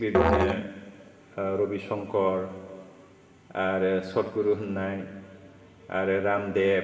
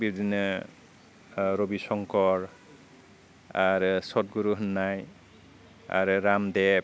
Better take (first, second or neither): second